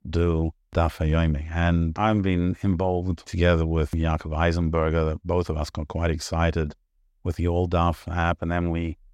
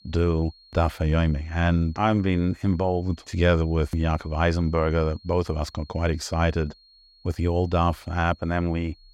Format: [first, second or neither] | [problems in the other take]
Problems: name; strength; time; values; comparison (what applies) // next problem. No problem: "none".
first | high-pitched whine; faint; throughout; 4.5 kHz, 30 dB below the speech